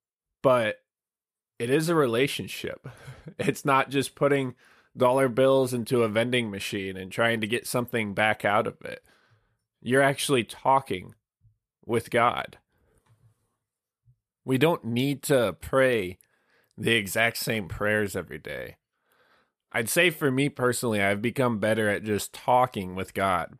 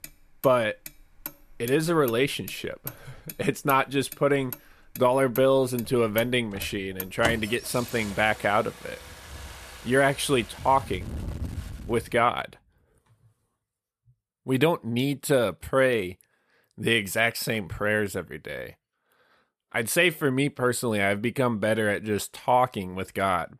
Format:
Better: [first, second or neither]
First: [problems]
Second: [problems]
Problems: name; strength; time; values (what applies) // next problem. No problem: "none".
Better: first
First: none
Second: traffic noise; noticeable; until 12 s; 15 dB below the speech